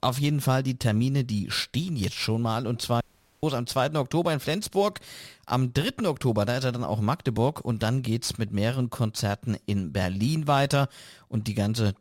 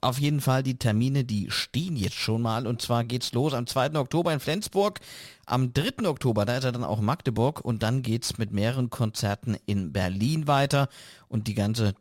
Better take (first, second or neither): second